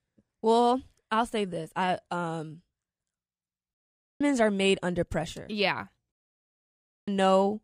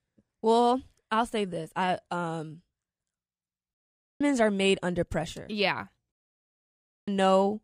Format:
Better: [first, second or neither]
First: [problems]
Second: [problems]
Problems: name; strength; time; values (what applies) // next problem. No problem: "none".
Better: neither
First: audio cutting out; at 3.5 s and at 6 s for 1 s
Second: audio cutting out; at 3.5 s and at 6 s for 1 s